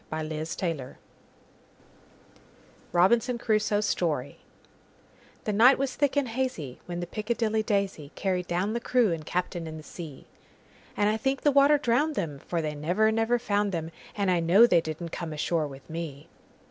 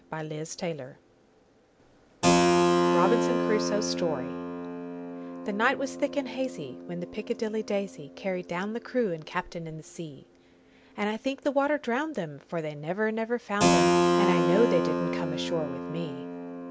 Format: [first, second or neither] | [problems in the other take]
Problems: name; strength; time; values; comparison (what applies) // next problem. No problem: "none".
first | background sound (Keyboard (musical)); 2 dB above the speech